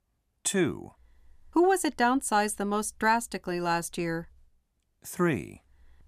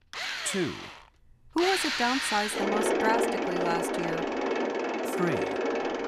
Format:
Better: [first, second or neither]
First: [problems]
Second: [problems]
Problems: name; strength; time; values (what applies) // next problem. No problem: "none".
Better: first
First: none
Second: machinery noise; very loud; throughout; 2 dB above the speech